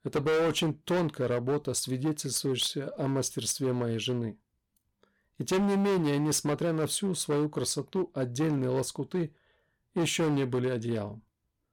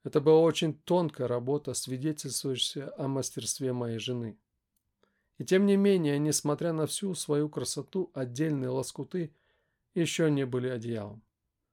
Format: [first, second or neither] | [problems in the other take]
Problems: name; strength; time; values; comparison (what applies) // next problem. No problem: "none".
second | distortion; heavy; 12% of the sound clipped